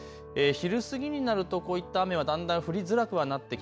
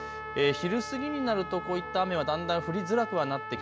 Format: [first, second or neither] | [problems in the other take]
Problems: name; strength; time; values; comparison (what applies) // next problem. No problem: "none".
first | background sound (Trumpet); 9 dB below the speech